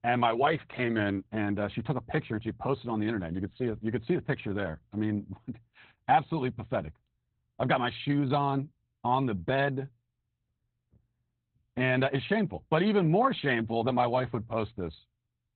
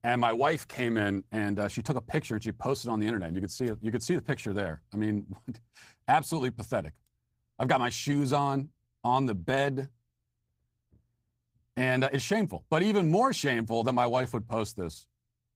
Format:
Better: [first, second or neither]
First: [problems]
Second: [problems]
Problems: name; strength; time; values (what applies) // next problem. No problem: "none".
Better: second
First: garbled, watery; badly; nothing above 4 kHz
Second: garbled, watery; slightly; nothing above 15.5 kHz